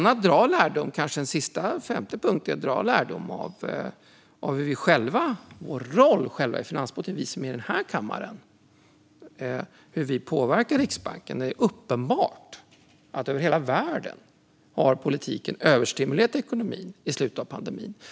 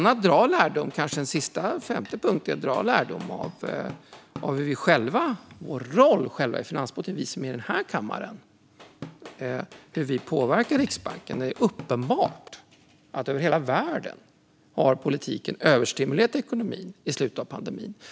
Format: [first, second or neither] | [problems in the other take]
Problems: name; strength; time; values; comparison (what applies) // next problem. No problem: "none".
first | background sound (Drum / Drum kit); 18 dB below the speech